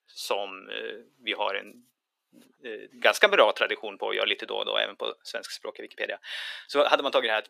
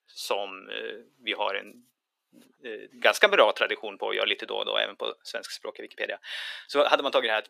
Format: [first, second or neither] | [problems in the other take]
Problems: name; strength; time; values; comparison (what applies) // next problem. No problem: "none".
neither | thin; somewhat; fading below 350 Hz; the same in both